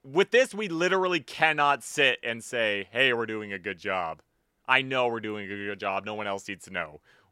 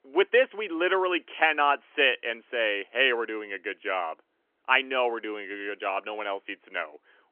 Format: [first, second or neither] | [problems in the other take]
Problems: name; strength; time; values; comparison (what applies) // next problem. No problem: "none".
first | phone-call audio; nothing above 3 kHz